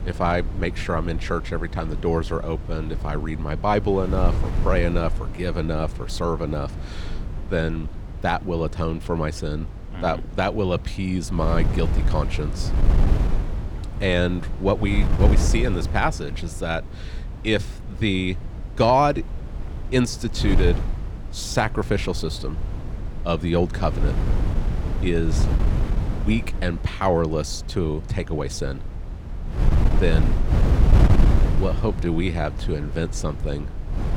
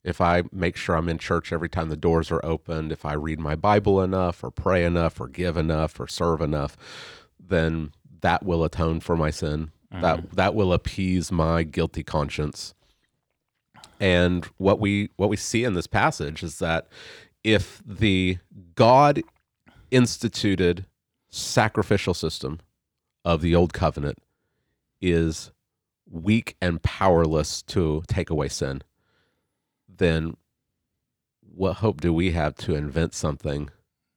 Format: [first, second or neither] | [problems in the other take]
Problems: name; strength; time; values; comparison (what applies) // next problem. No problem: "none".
second | wind noise on the microphone; occasional gusts; 10 dB below the speech